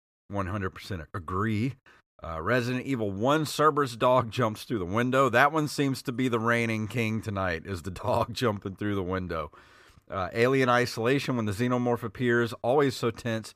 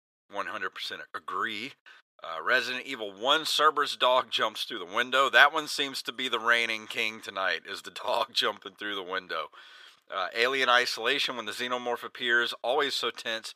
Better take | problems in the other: first | thin; very; fading below 550 Hz

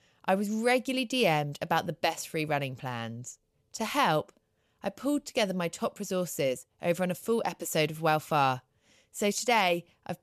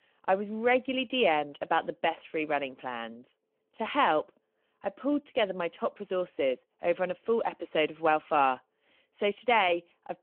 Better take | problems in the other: first | phone-call audio

